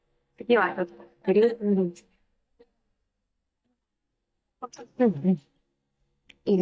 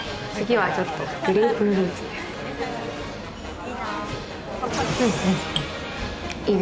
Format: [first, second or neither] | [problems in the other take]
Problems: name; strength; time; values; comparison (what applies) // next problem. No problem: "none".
second | noise reduction (neural mask model DeepFilterNet 3)